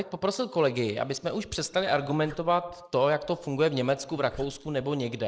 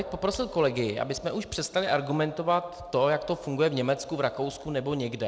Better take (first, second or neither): second